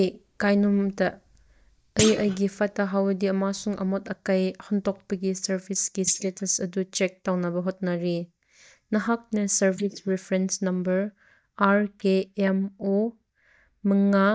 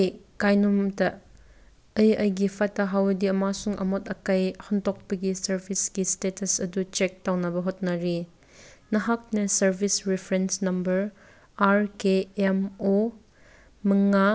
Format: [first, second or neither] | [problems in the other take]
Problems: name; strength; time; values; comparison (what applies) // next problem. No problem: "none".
second | noise reduction (neural mask model DeepFilterNet 3)